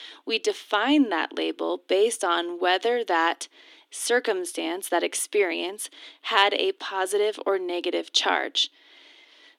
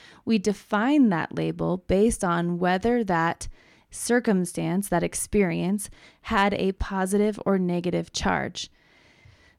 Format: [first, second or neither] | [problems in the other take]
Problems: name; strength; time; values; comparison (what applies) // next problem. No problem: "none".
second | thin; somewhat; fading below 300 Hz